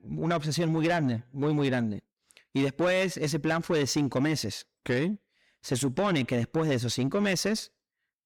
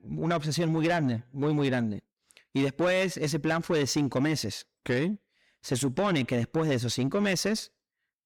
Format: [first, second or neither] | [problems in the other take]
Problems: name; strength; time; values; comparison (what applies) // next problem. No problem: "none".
neither | distortion; slight; 10 dB below the speech; the same in both